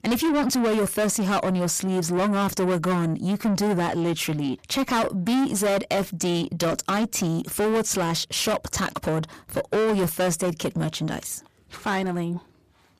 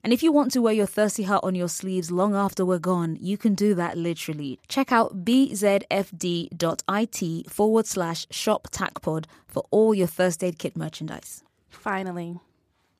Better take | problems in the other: second | distortion; heavy; 6 dB below the speech

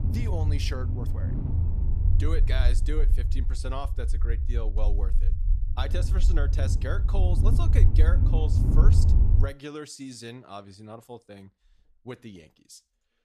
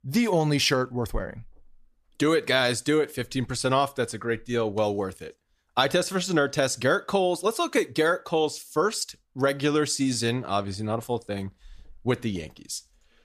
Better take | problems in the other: second | low rumble; loud; until 9.5 s; 4 dB below the speech

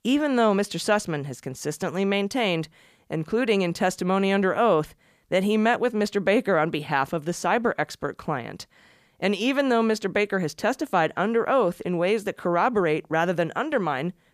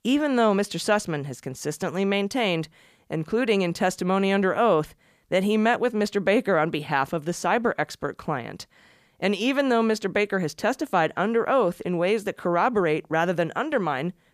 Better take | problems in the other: neither | none

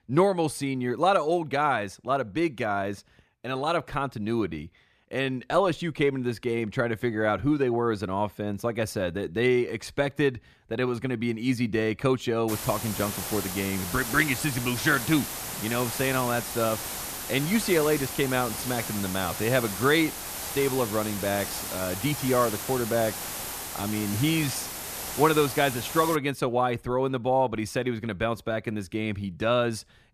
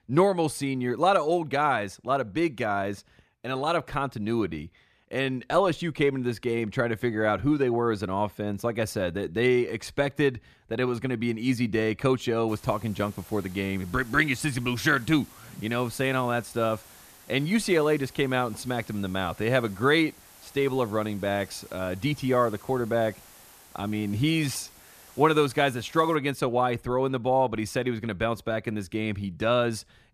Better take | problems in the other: second | hiss; loud; from 12 to 26 s; 6 dB below the speech; faint in the second

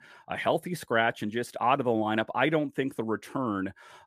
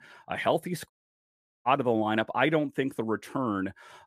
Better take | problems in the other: first | audio cutting out; at 1 s for 0.5 s

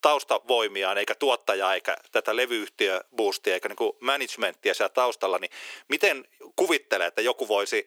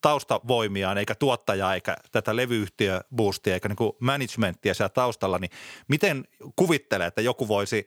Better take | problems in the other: second | thin; very; fading below 350 Hz

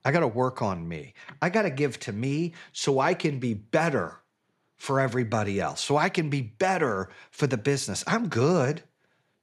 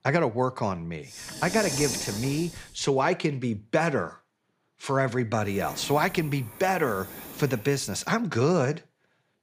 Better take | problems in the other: first | hiss; loud; from 1 to 4 s and from 5.5 to 8 s; 9 dB below the speech

